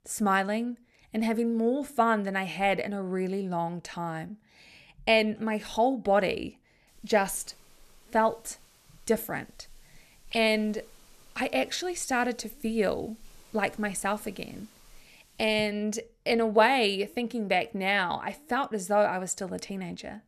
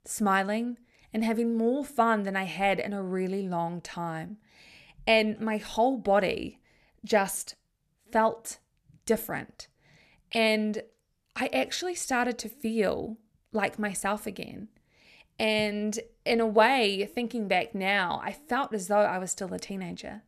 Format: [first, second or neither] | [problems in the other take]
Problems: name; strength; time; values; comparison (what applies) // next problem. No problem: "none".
second | hiss; faint; from 7 to 16 s; 30 dB below the speech